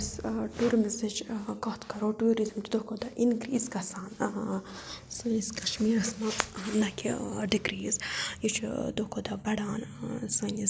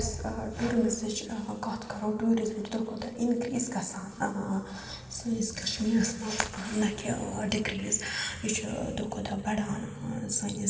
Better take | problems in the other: first | room echo; dies away in 2.1 s

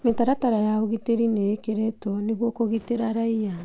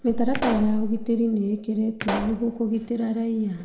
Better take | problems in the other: first | background sound (Explosion); 11 dB below the speech // room echo; dies away in 0.7 s

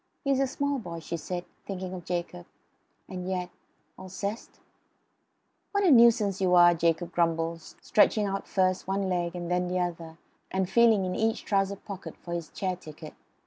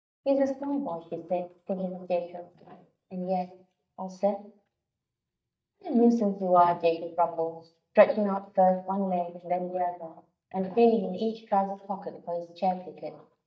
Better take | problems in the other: first | noise reduction (neural mask model DeepFilterNet 3)

